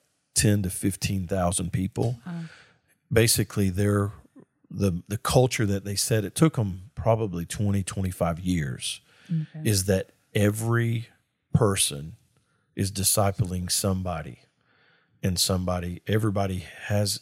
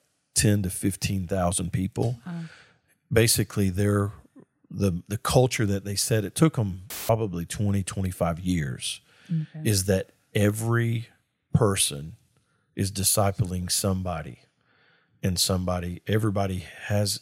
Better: first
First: none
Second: audio cutting out; filled with static; at 7 s

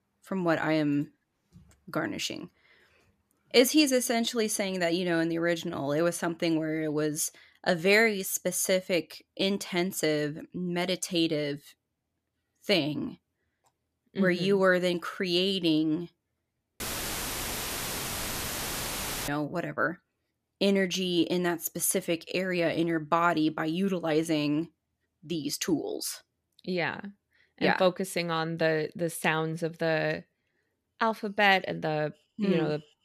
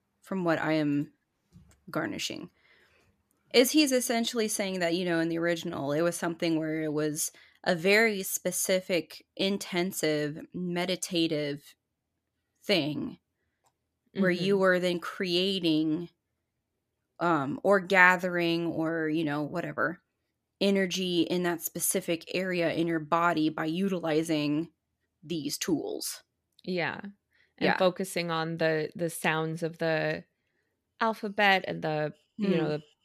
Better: second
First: audio cutting out; filled with static; at 17 s for 2.5 s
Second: none

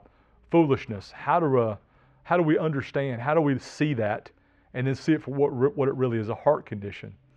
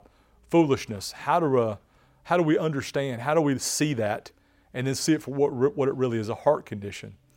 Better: second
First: muffled; slightly; fading above 2.5 kHz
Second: none

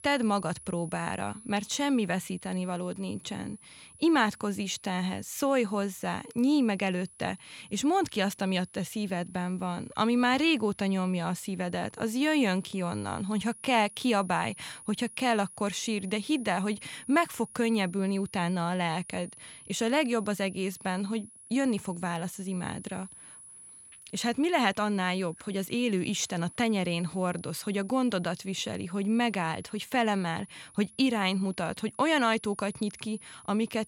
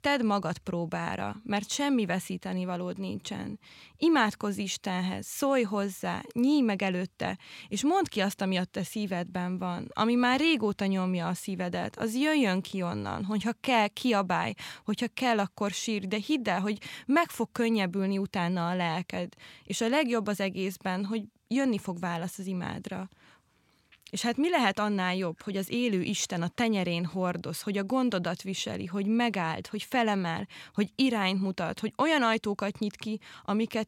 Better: second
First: high-pitched whine; noticeable; throughout; 10.5 kHz, 20 dB below the speech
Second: none

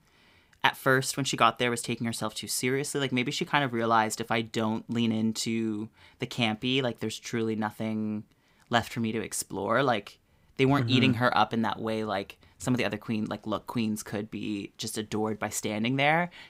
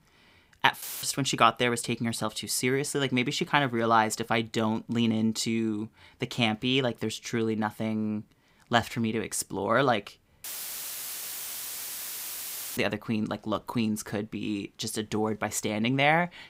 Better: first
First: none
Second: audio cutting out; filled with static; at 1 s and at 10 s for 2.5 s

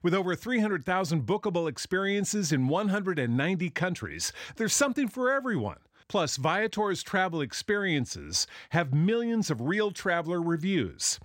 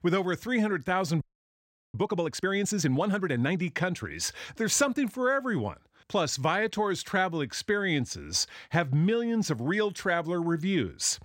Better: first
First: none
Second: audio freezing; at 1 s for 0.5 s

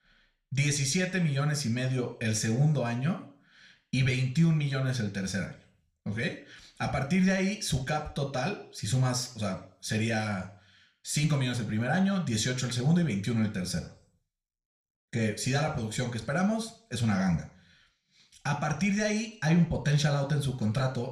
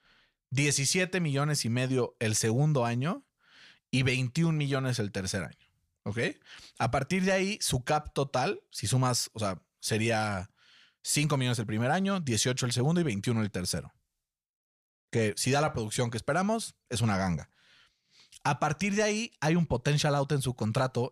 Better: second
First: room echo; very slight; dies away in 0.5 s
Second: none

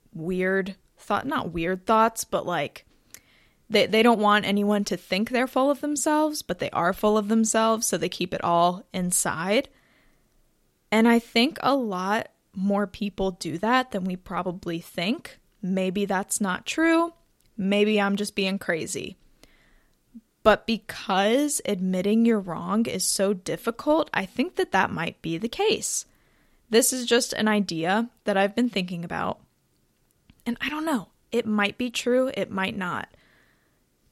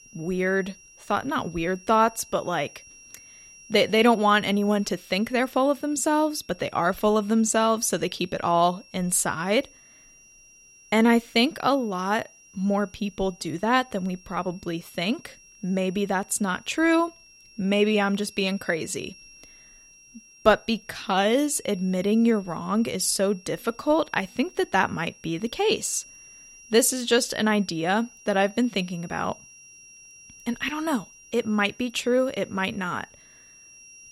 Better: first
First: none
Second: high-pitched whine; faint; throughout; 5.5 kHz, 25 dB below the speech

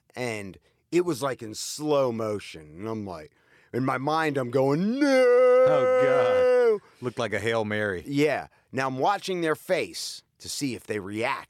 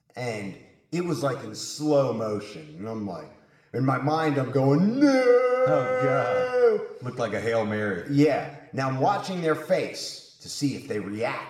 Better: first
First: none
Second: room echo; slight; dies away in 0.8 s // off-mic speech; somewhat distant

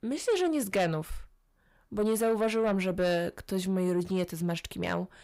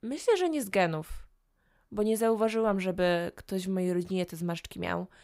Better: second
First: distortion; slight; 10 dB below the speech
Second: none

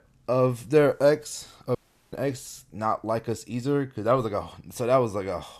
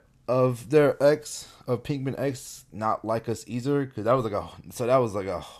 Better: second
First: audio cutting out; at 2 s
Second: none

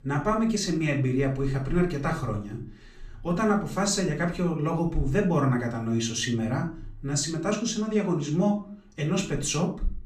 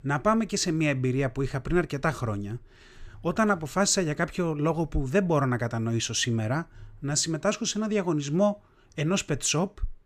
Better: second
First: off-mic speech; far // room echo; slight; dies away in 0.4 s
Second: none

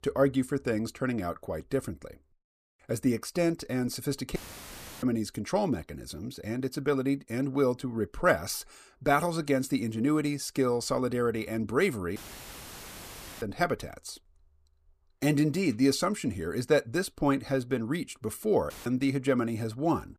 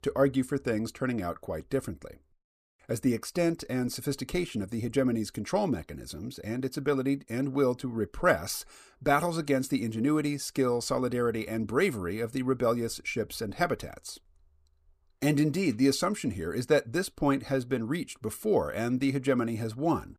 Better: second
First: audio cutting out; filled with static; at 4.5 s for 0.5 s, at 12 s for 1.5 s and at 19 s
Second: none

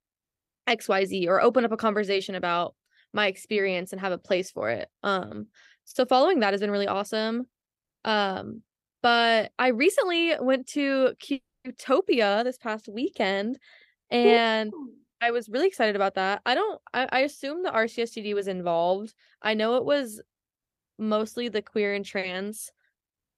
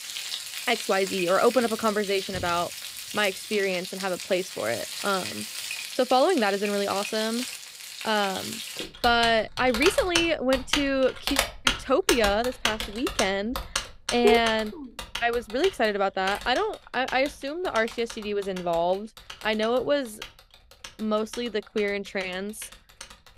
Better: first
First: none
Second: household noises; loud; throughout; 6 dB below the speech

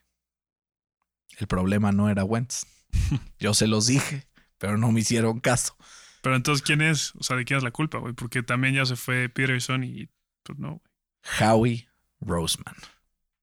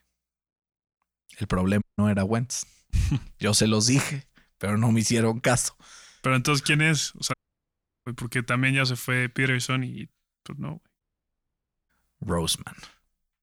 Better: first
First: none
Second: audio cutting out; at 2 s, at 7.5 s for 0.5 s and at 11 s for 1 s

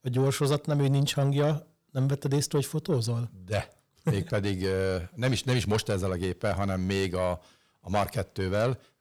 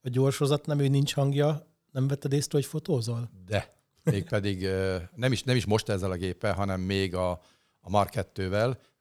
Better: second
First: distortion; slight; 10 dB below the speech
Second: none

